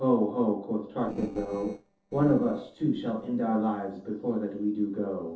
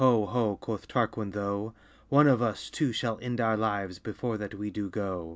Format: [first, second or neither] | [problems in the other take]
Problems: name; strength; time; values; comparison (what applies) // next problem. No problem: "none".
second | noise reduction (neural separator model SepFormer DNS4)